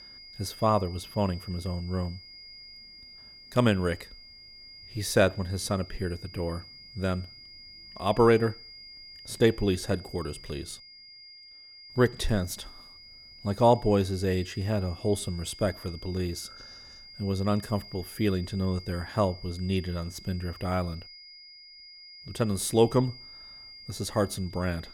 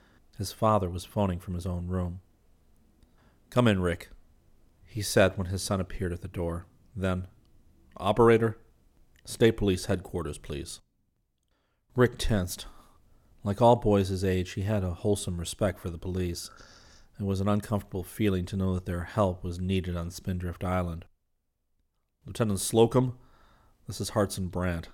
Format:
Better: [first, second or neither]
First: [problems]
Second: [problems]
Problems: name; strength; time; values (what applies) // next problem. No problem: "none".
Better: second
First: high-pitched whine; noticeable; throughout; 5 kHz, 15 dB below the speech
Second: none